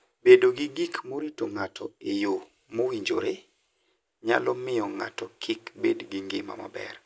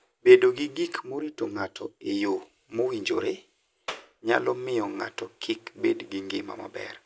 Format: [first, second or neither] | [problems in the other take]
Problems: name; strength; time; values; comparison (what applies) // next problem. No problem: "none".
first | background sound (Clapping); 13 dB below the speech